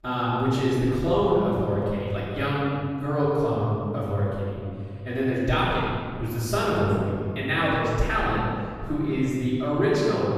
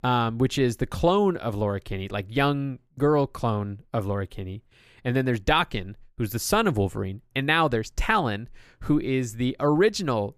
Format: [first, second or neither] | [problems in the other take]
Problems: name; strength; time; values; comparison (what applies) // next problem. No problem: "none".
second | off-mic speech; far // room echo; strong; dies away in 2.3 s